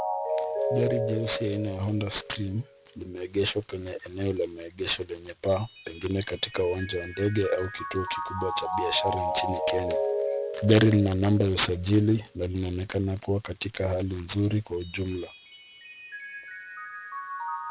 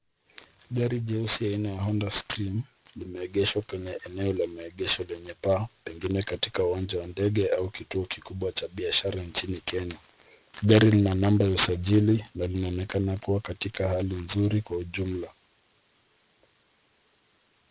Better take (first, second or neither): second